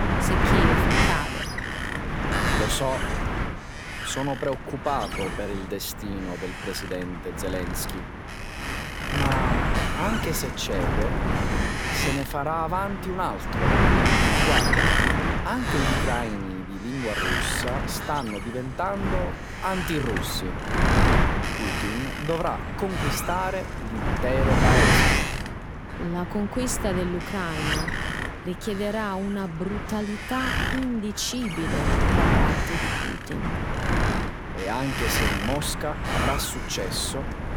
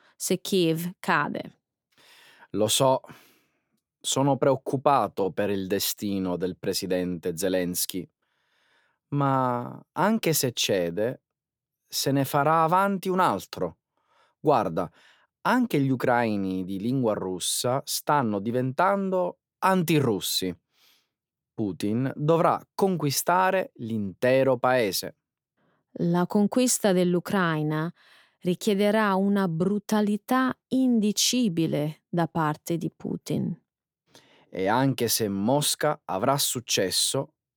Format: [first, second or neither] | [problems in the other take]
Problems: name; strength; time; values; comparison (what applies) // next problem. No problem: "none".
second | wind noise on the microphone; heavy; 4 dB above the speech